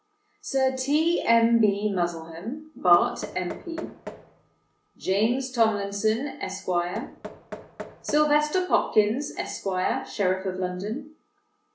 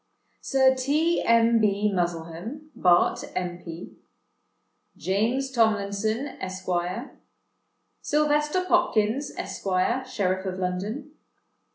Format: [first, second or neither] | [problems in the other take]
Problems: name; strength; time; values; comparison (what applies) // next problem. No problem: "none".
second | background sound (Knock); 17 dB below the speech // room echo; dies away in 0.2 s